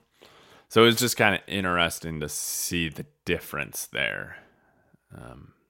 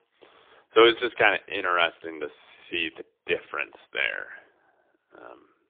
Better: first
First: none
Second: phone-call audio; poor line; nothing above 3.5 kHz

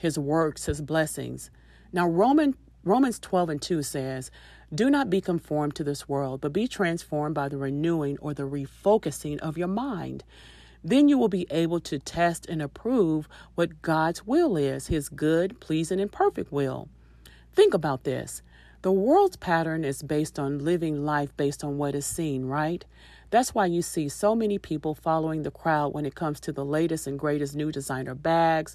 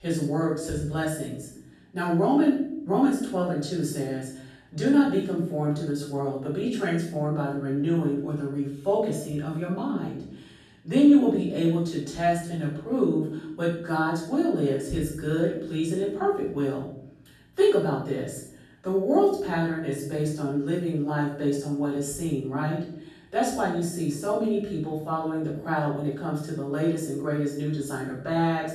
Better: first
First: none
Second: room echo; noticeable; dies away in 0.6 s // off-mic speech; far

